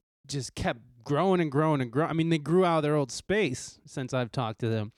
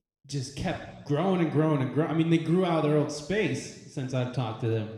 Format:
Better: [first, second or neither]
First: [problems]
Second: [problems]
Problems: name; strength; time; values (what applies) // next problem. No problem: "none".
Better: first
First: none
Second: room echo; noticeable; dies away in 0.9 s